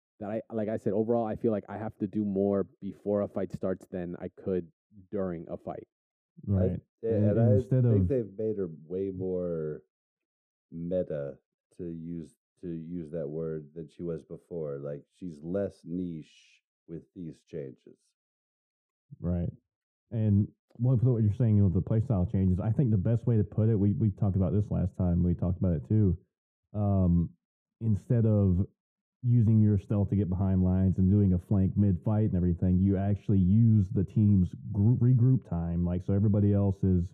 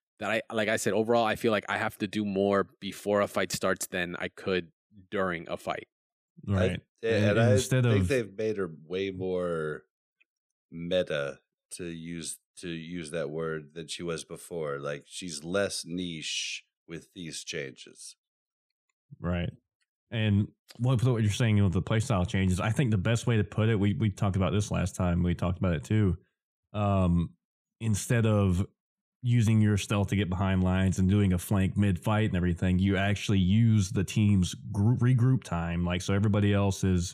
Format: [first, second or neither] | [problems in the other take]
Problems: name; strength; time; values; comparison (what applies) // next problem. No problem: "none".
second | muffled; very; fading above 1 kHz